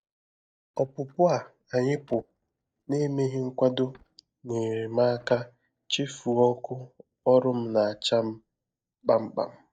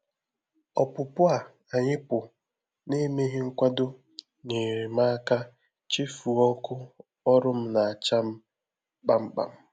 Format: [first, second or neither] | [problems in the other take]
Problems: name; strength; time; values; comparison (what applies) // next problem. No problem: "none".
second | noise reduction (neural mask model DeepFilterNet 3)